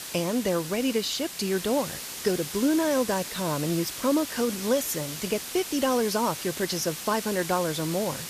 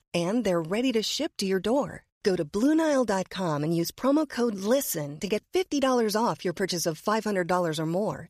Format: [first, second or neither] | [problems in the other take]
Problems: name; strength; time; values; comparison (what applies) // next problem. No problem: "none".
second | hiss; loud; throughout; 7 dB below the speech